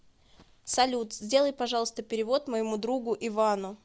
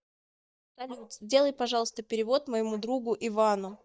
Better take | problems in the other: first | noise reduction (neural mask model DeepFilterNet 3)

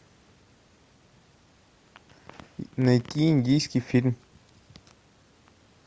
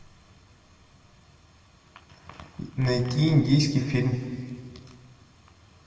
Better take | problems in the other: first | room echo; dies away in 1.9 s

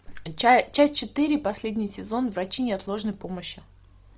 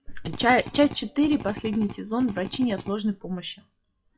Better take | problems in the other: first | noise reduction (classical method WPE with log-MMSE)

